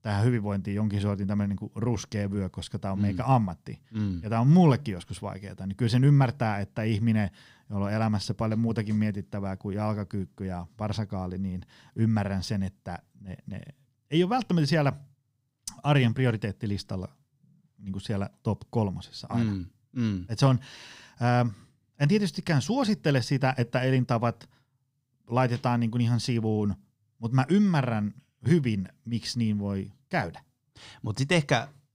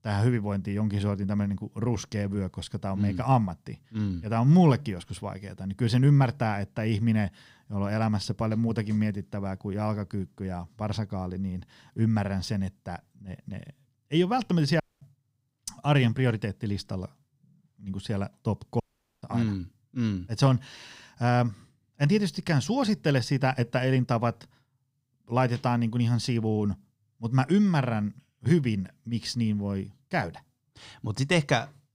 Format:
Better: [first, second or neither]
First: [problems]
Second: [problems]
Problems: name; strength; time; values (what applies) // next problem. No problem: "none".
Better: first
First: none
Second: audio cutting out; at 15 s and at 19 s